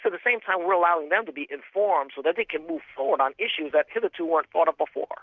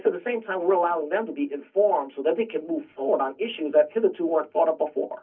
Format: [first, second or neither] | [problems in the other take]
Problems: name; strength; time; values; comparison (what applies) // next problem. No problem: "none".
first | room echo; dies away in 0.4 s